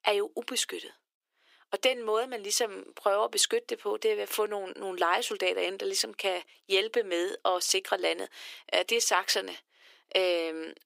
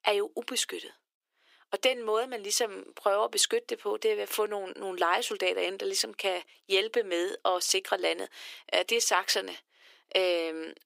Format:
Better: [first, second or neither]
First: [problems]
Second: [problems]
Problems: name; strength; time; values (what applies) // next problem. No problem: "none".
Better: neither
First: thin; very; fading below 350 Hz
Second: thin; very; fading below 350 Hz